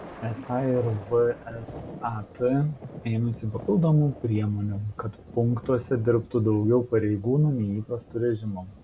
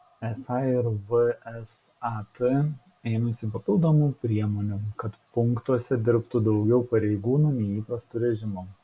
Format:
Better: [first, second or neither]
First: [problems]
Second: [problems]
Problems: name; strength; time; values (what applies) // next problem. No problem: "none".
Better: second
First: background sound (Thunder); 18 dB below the speech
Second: none